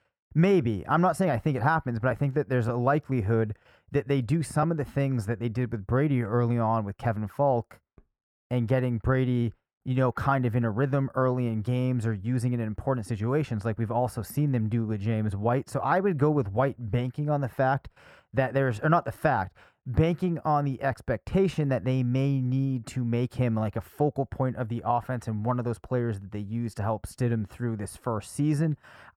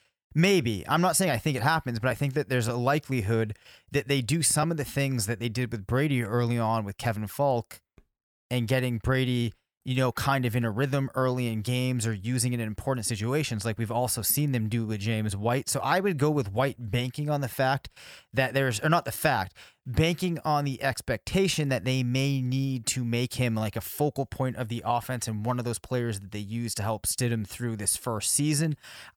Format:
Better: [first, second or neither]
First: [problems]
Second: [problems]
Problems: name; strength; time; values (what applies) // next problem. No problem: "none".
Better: second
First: muffled; very; fading above 2 kHz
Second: none